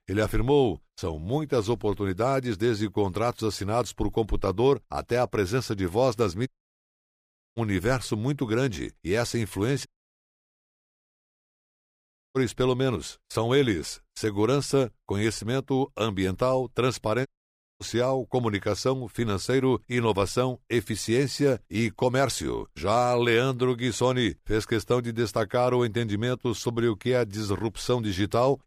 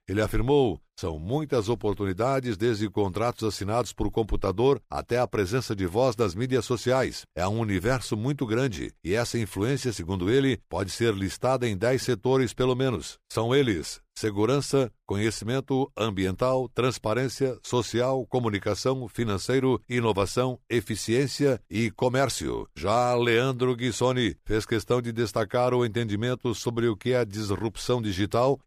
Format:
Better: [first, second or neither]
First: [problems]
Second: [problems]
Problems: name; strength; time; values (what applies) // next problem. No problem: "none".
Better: second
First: audio cutting out; at 6.5 s for 1 s, at 10 s for 2.5 s and at 17 s for 0.5 s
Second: none